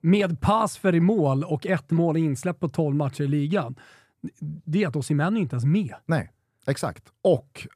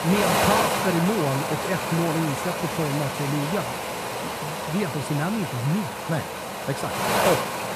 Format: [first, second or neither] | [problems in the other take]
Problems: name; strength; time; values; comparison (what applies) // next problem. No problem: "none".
first | wind noise on the microphone; heavy; 4 dB above the speech